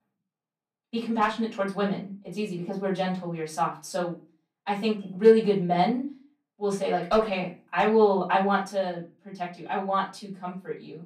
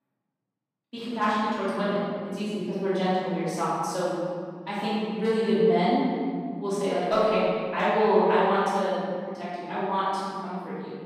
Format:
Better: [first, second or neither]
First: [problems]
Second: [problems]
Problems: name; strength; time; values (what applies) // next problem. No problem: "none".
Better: first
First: room echo; slight; dies away in 0.3 s // off-mic speech; far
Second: room echo; strong; dies away in 2.6 s // off-mic speech; far